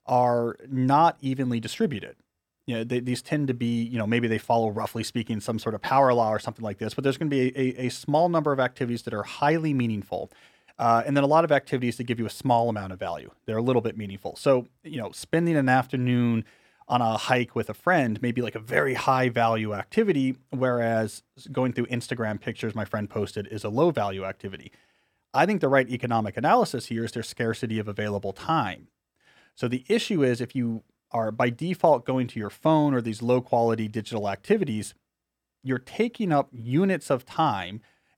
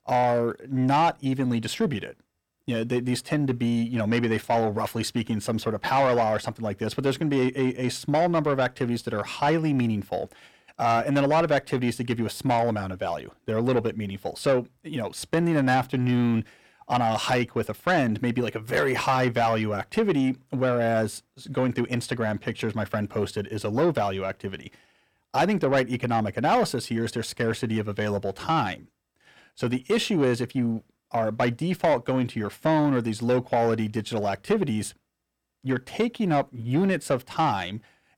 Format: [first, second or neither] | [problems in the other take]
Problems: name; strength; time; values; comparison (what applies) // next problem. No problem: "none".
first | distortion; slight; 10 dB below the speech